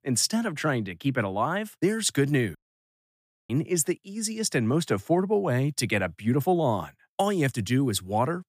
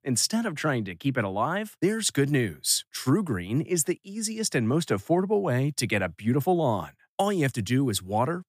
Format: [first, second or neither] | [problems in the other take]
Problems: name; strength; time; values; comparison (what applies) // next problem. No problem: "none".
second | audio cutting out; at 2.5 s for 1 s